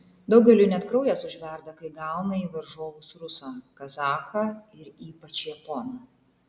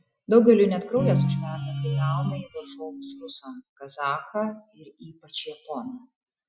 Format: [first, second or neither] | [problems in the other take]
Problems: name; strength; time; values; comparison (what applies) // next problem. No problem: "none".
first | noise reduction (classical method Wiener filter)